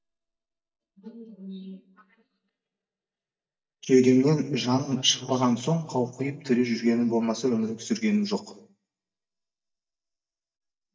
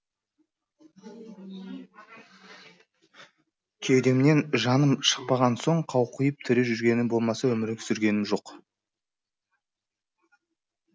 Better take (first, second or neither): second